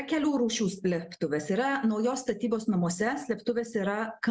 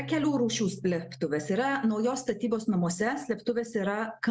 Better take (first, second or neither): first